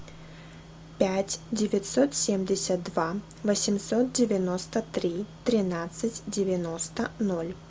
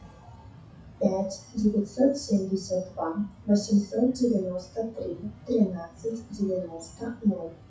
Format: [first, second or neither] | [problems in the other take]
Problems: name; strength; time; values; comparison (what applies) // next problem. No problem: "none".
first | noise reduction (classical method WPE with log-MMSE)